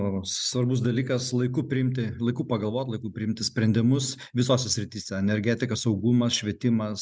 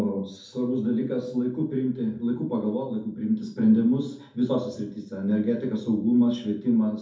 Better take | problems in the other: first | room echo; dies away in 0.5 s

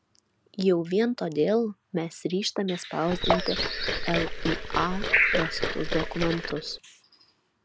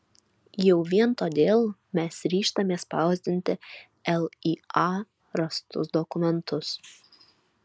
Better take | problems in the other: second | background sound (Liquid + Bird); 1 dB above the speech

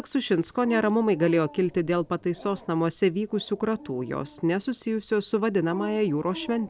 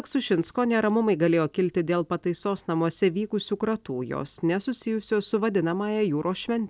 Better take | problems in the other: second | background sound (Dog); 19 dB below the speech

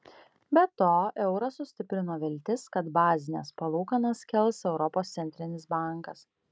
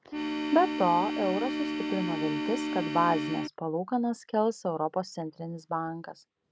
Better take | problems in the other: first | background sound (Organ); 1 dB below the speech

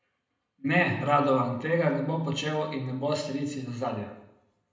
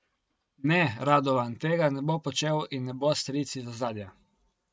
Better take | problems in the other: second | room echo; dies away in 0.7 s

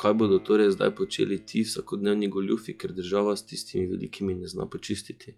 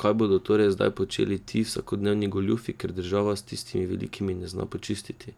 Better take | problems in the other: second | noise reduction (classical method log-MMSE)

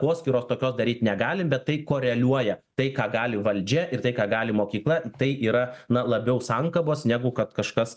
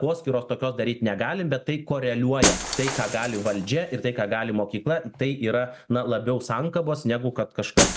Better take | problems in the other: first | background sound (Shatter); 5 dB below the speech

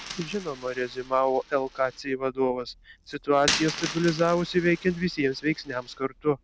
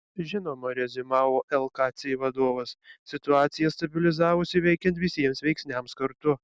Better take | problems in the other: second | background sound (Coin (dropping)); 11 dB below the speech

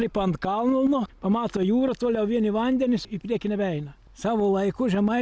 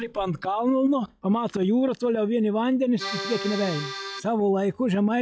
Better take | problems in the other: first | noise reduction (classical method log-MMSE)

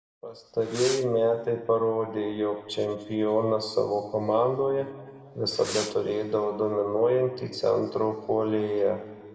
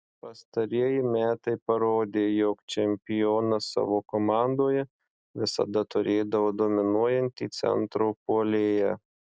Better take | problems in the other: second | background sound (Fireworks); 13 dB below the speech // room echo; dies away in 1.8 s

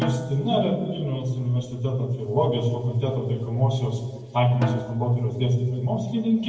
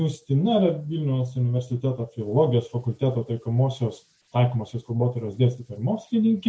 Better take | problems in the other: second | background sound (Snare drum); 12 dB below the speech // room echo; dies away in 1.2 s

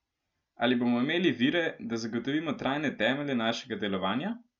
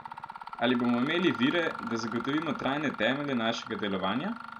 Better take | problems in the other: first | background sound (Mechanisms); 10 dB below the speech

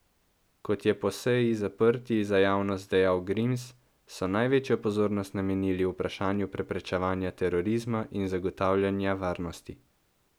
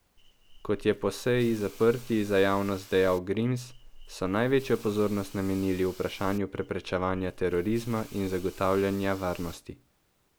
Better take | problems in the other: first | background sound (Hiss / Insect); 17 dB below the speech

